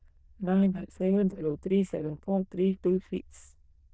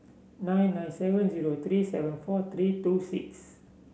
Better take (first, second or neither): second